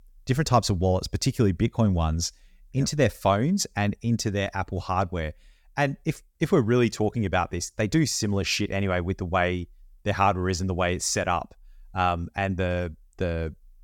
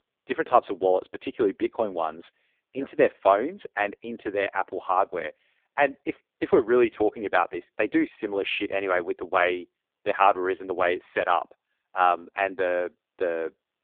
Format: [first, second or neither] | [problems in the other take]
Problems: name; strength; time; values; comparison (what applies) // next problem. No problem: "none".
first | phone-call audio; poor line